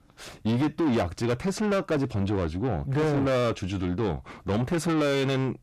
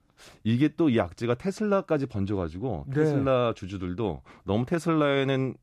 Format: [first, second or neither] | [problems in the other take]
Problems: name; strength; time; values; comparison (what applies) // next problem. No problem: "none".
second | distortion; heavy; 7 dB below the speech